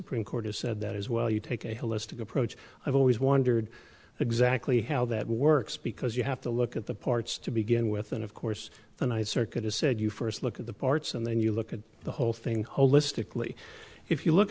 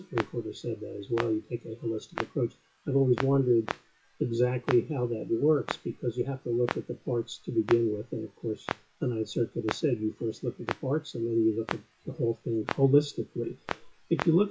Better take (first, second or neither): first